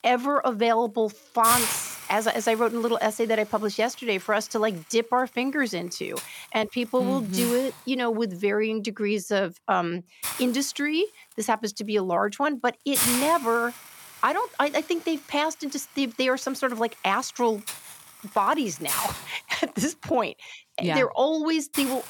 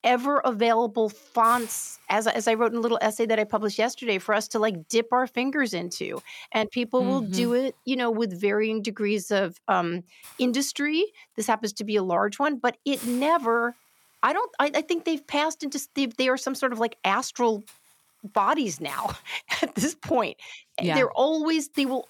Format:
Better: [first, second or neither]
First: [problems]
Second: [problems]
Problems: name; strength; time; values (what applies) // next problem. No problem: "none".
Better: second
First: hiss; loud; throughout; 4 dB below the speech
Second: hiss; faint; throughout; 20 dB below the speech